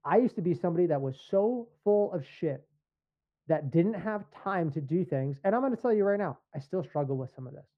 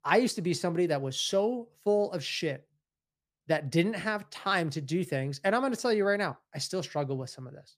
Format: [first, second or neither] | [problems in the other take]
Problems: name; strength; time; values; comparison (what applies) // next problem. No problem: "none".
second | muffled; very; fading above 2.5 kHz